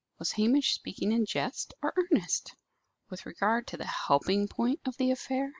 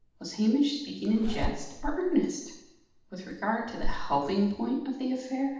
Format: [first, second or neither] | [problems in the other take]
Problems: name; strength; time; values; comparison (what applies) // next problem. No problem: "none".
first | background sound (Zipper (clothing)); 6 dB below the speech // room echo; dies away in 0.8 s